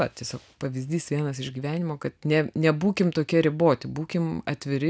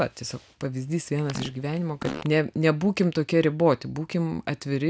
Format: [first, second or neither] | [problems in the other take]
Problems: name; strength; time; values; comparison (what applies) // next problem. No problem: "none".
first | background sound (Fart); 14 dB below the speech